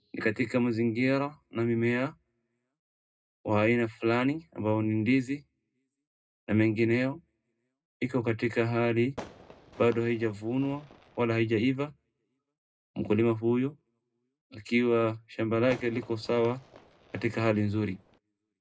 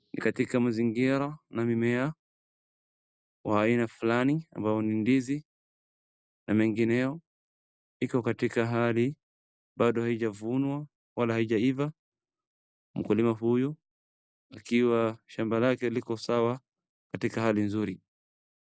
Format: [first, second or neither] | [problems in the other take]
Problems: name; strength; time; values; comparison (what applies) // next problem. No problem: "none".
second | background sound (Fireworks); 19 dB below the speech // room echo; dies away in 0.2 s